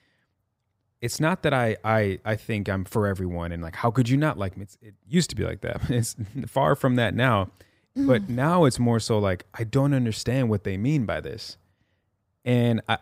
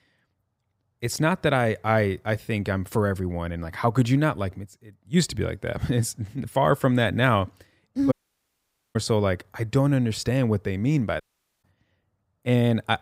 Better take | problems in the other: first | audio cutting out; at 8 s for 1 s and at 11 s

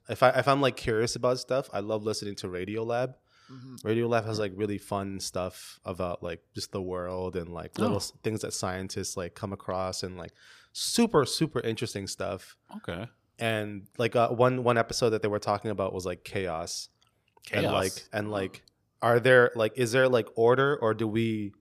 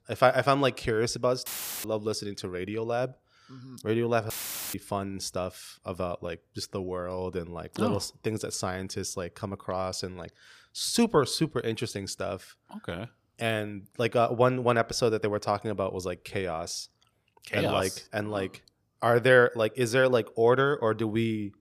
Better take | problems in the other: first | audio cutting out; filled with static; at 1.5 s and at 4.5 s

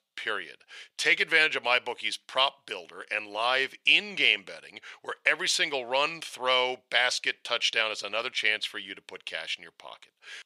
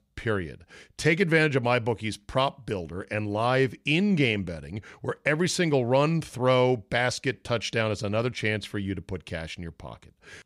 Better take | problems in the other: second | thin; very; fading below 700 Hz

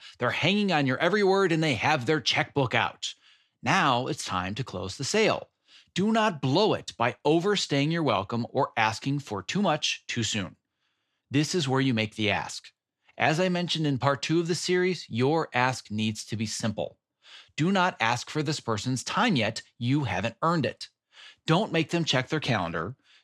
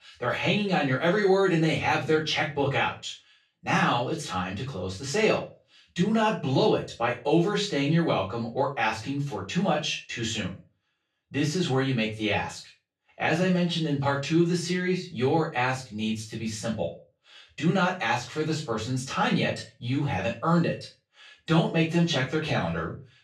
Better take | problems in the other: first | off-mic speech; far // room echo; slight; dies away in 0.3 s

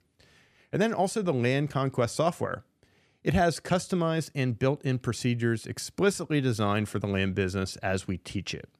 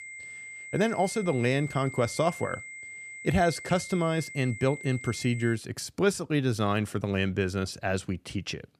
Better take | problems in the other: first | high-pitched whine; noticeable; until 5.5 s; 2 kHz, 10 dB below the speech

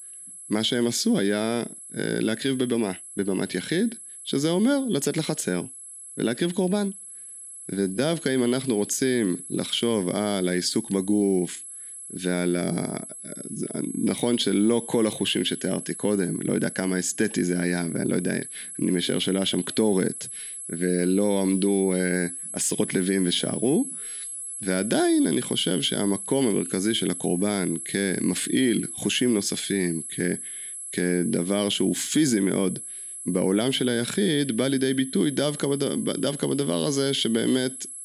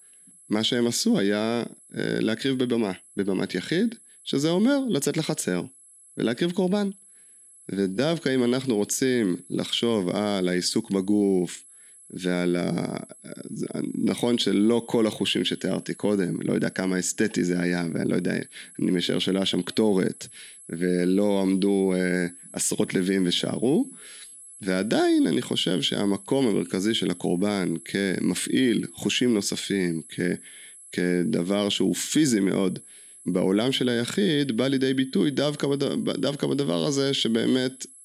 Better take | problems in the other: second | high-pitched whine; loud; throughout; 11 kHz, 9 dB below the speech; faint in the second

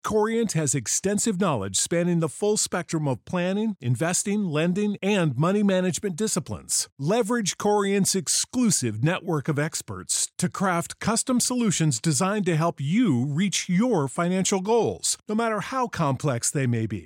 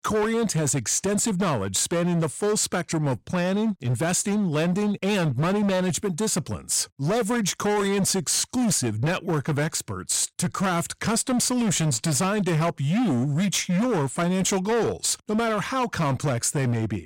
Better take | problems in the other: first | distortion; slight; 24% of the sound clipped

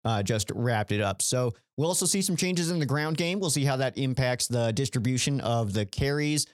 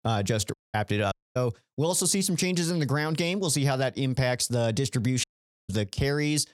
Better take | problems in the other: first | audio cutting out; at 0.5 s, at 1 s and at 5 s

